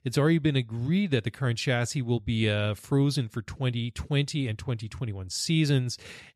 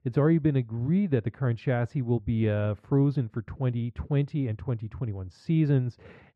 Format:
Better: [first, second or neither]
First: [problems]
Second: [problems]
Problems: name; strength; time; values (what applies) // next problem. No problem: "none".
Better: first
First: none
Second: muffled; very; fading above 3 kHz